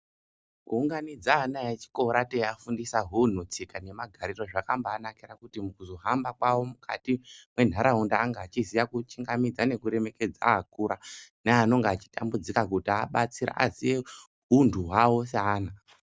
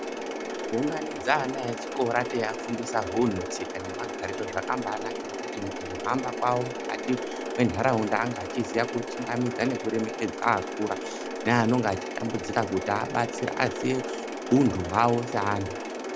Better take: first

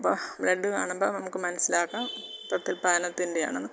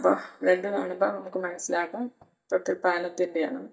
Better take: first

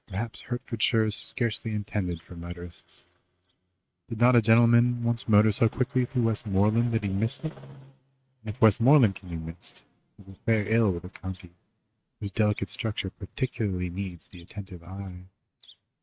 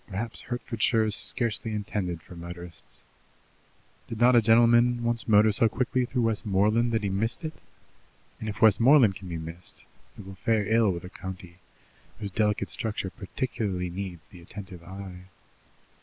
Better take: second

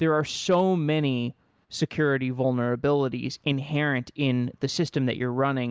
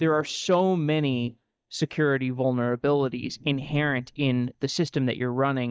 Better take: first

